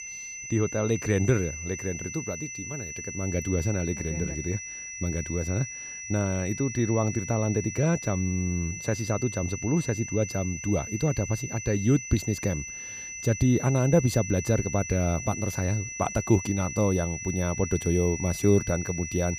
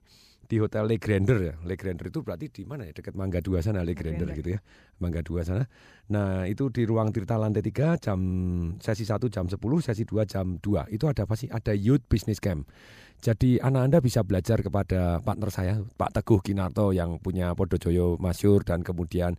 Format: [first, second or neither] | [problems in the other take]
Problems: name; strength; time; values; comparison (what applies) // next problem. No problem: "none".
second | high-pitched whine; loud; throughout; 6 kHz, 8 dB below the speech